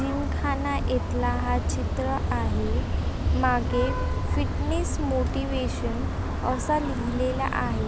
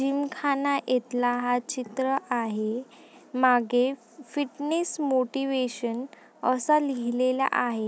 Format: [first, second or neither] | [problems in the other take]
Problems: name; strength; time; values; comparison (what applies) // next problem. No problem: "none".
second | background sound (Vehicle horn, car horn, honking); 3 dB above the speech